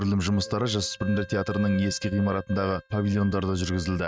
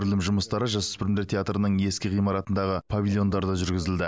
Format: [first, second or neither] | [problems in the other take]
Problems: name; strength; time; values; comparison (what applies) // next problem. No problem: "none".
second | noise reduction (neural mask model RNNoise)